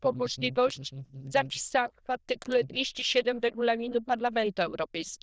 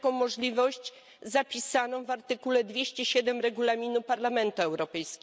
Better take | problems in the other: second | noise reduction (neural diffusion model UNIVERSE++)

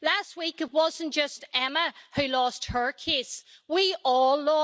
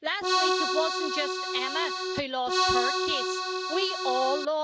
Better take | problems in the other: first | background sound (Accordion); 3 dB above the speech

